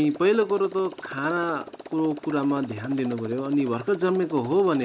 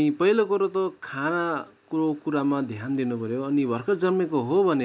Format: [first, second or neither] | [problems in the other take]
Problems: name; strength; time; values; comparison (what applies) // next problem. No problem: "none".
second | background sound (Motorcycle); 17 dB below the speech